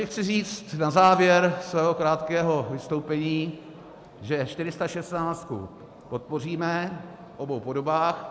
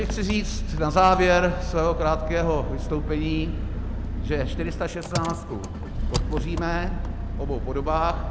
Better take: first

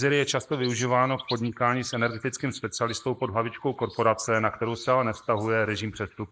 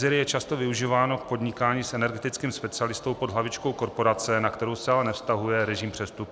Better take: second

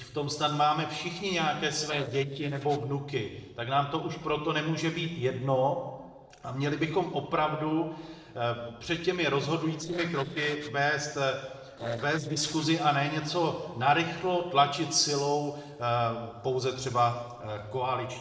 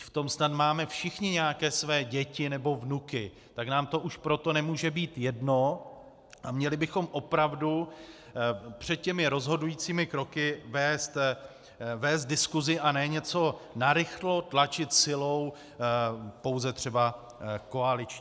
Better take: second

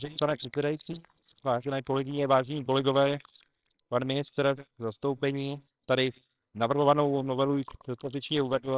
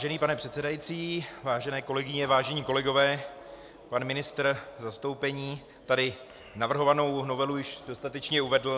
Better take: second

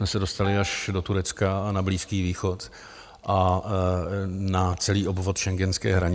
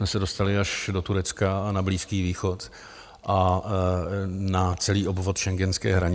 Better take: second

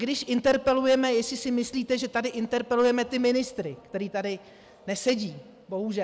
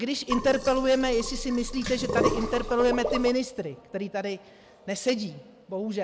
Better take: first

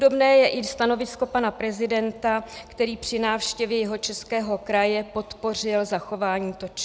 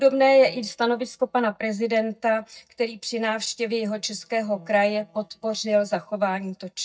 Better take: first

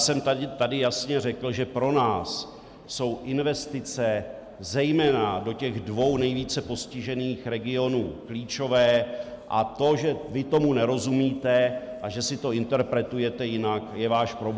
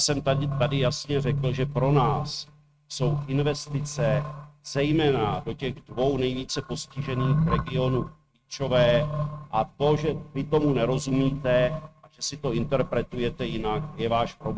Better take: first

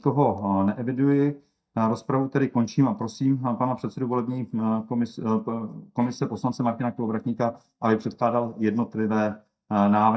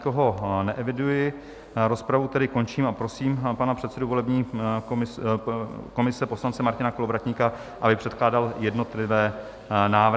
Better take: second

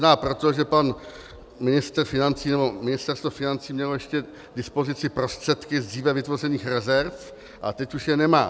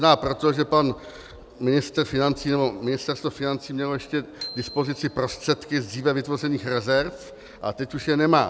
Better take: first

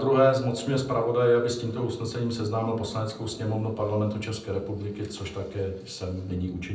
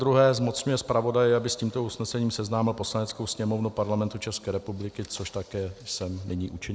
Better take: second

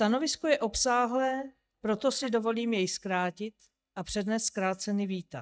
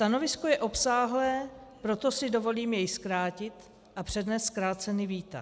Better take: second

